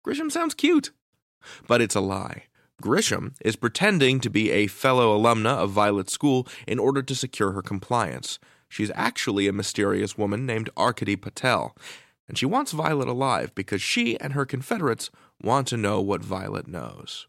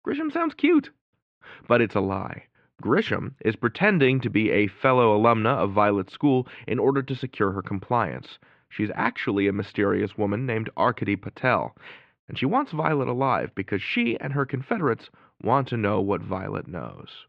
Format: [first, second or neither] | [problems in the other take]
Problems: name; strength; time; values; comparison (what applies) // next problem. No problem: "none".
first | muffled; very; fading above 2.5 kHz